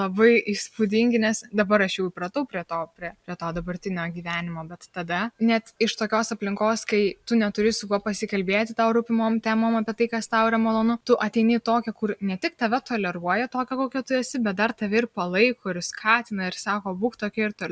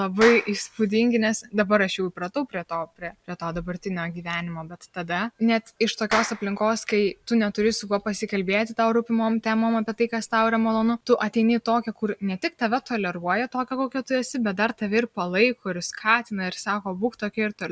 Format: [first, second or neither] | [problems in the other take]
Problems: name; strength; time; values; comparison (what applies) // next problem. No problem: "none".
first | background sound (Clapping); 12 dB below the speech